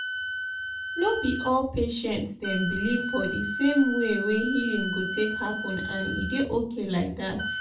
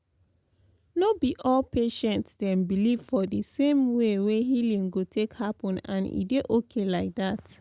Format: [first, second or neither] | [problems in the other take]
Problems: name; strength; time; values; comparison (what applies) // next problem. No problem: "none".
second | background sound (Wind instrument, woodwind instrument); 6 dB below the speech // room echo; dies away in 0.3 s